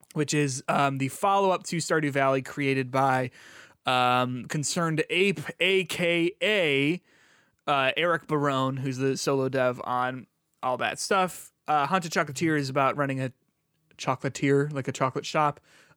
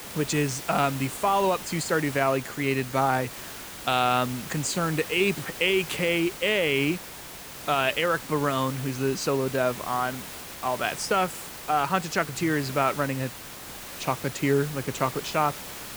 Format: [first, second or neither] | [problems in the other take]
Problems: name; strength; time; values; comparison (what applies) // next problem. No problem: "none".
first | hiss; noticeable; throughout; 10 dB below the speech